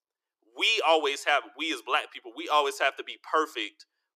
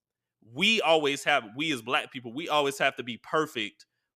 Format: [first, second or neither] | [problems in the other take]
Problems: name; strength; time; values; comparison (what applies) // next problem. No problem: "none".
second | thin; very; fading below 300 Hz